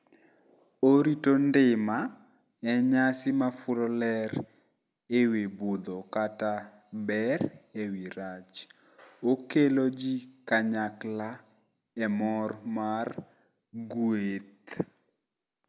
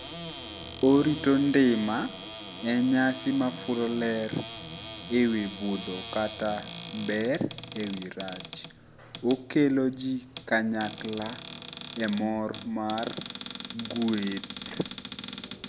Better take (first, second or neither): first